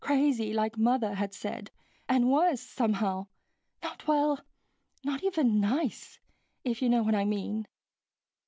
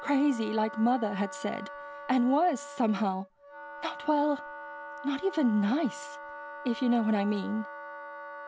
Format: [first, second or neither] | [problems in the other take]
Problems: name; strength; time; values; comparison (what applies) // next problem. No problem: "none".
first | background sound (Wind instrument, woodwind instrument); 13 dB below the speech